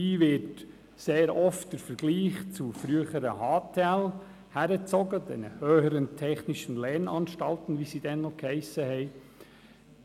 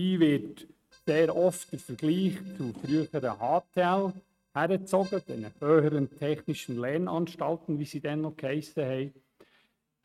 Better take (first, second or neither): first